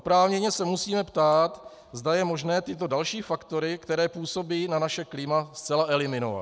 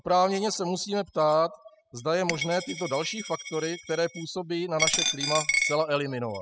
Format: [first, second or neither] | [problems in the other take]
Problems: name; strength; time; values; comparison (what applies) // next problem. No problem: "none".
first | noise reduction (classical method spectral subtraction)